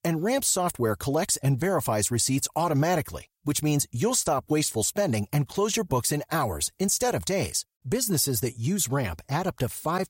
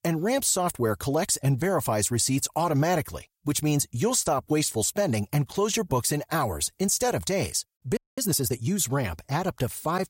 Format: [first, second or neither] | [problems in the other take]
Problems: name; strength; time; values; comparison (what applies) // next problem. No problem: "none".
first | audio freezing; at 8 s